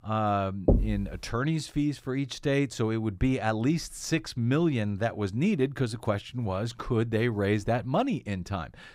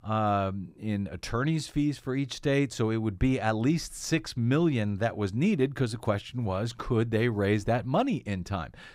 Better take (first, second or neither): second